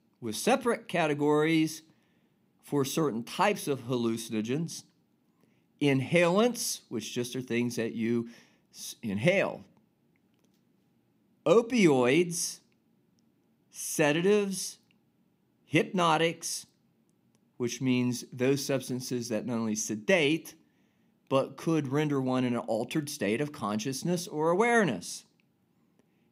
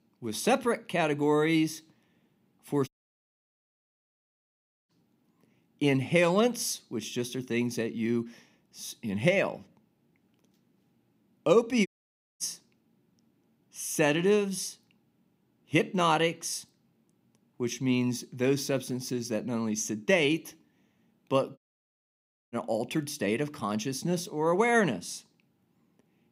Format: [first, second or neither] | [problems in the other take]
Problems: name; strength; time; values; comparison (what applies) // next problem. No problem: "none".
first | audio cutting out; at 3 s for 2 s, at 12 s for 0.5 s and at 22 s for 1 s